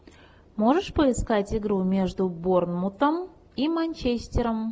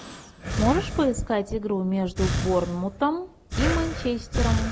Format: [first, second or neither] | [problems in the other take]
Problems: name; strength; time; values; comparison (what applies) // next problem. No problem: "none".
first | background sound (Breathing); 3 dB below the speech